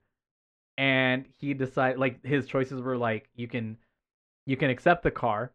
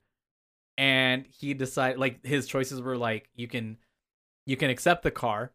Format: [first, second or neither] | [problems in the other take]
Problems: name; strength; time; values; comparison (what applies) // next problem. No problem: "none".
second | muffled; very; fading above 2 kHz